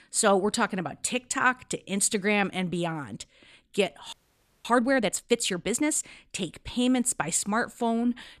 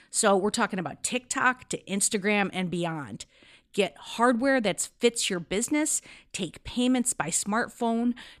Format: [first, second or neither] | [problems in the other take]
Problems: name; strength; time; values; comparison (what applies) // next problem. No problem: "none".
second | audio freezing; at 4 s for 0.5 s